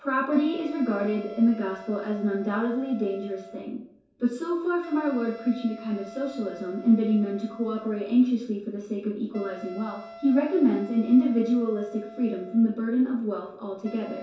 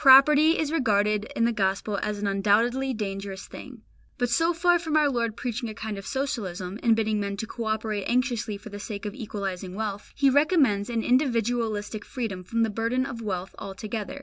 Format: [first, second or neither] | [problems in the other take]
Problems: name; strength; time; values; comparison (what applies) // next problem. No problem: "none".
second | background sound (Wind instrument, woodwind instrument); 19 dB below the speech // room echo; dies away in 2.4 s